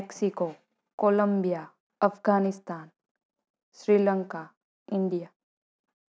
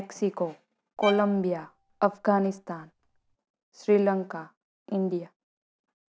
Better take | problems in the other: first | background sound (Bowed string instrument); 14 dB below the speech

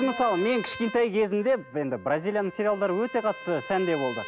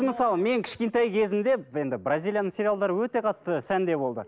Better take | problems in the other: second | background sound (Trumpet); 15 dB below the speech

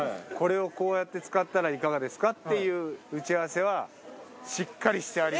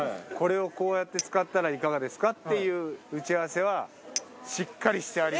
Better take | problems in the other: first | background sound (Chink, clink); 16 dB below the speech

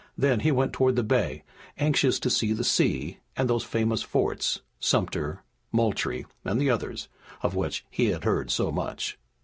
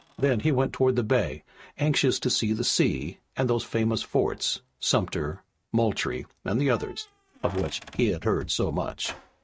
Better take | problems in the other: first | noise reduction (neural mask model RNNoise)

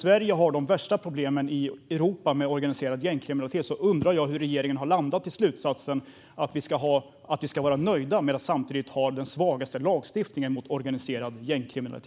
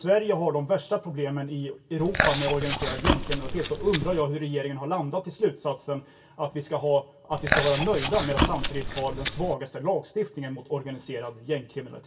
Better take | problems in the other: first | background sound (Chewing, mastication); as loud as the speech // room echo; dies away in 0.1 s

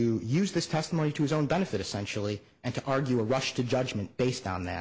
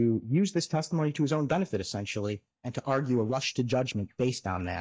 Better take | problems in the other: first | noise reduction (neural mask model DeepFilterNet 3)

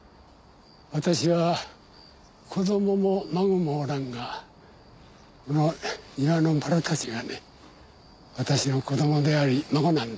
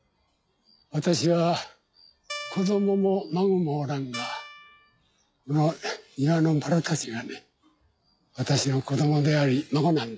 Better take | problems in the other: first | noise reduction (classical method log-MMSE)

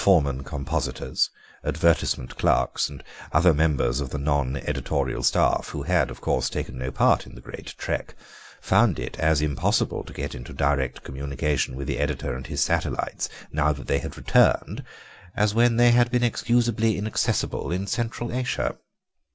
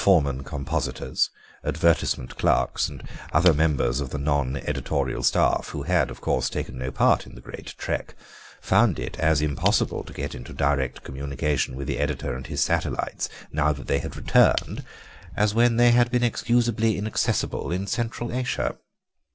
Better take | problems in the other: first | background sound (Shatter / Crushing); 14 dB below the speech

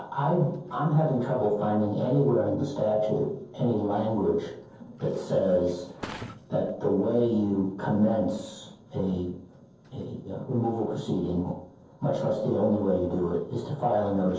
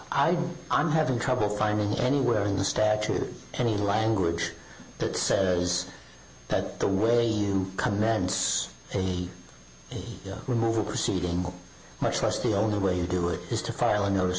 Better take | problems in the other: second | noise reduction (neural separator model SepFormer DNS4)

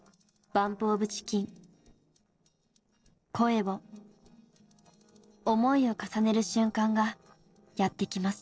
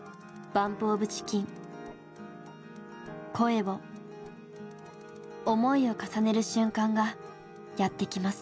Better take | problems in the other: second | noise reduction (neural separator model SepFormer DNS4)

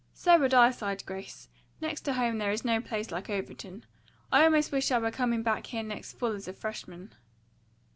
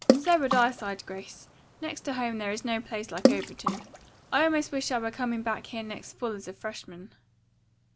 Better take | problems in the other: first | background sound (Water / Splash, splatter); as loud as the speech

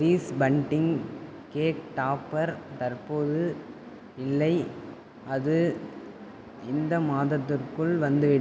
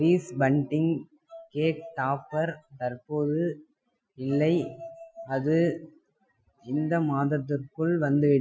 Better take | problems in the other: first | noise reduction (classical method Wiener filter)

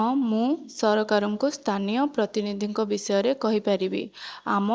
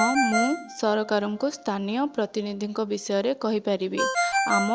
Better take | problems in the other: first | background sound (Ringtone); 3 dB below the speech

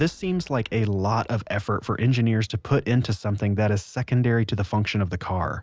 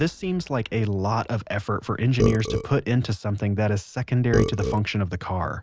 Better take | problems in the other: first | background sound (Burping, eructation); 5 dB below the speech

